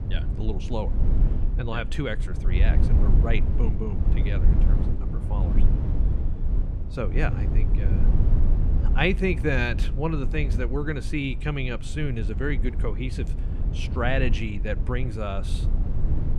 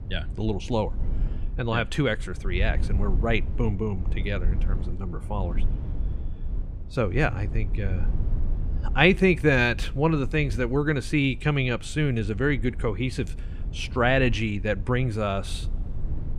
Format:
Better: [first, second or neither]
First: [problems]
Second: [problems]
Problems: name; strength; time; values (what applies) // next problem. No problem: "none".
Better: second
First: low rumble; loud; throughout; 10 dB below the speech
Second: low rumble; faint; throughout; 20 dB below the speech